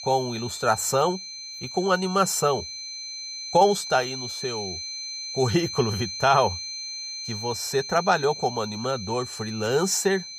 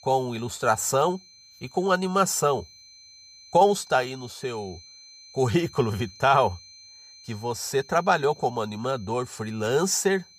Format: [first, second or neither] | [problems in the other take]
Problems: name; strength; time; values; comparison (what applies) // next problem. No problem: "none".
second | high-pitched whine; loud; throughout; 4 kHz, 8 dB below the speech; faint in the second